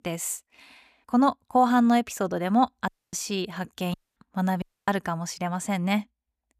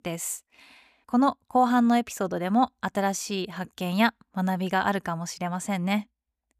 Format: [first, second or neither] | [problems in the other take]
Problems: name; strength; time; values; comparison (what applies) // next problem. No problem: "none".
second | audio cutting out; at 3 s, at 4 s and at 4.5 s